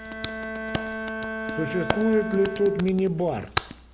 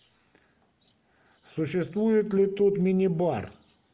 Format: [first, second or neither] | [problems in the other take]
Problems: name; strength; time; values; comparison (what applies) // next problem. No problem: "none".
second | background sound (Bowed string instrument + Hands); 5 dB below the speech